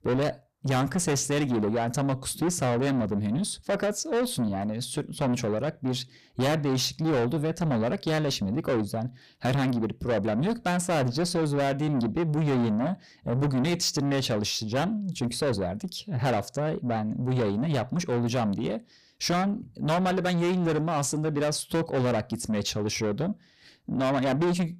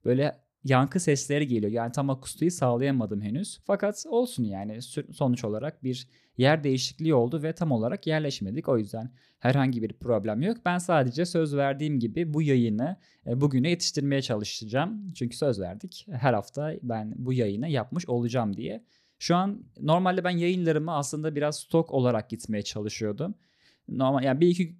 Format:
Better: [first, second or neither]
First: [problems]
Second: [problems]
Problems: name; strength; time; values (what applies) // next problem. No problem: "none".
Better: second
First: distortion; heavy; 7 dB below the speech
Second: none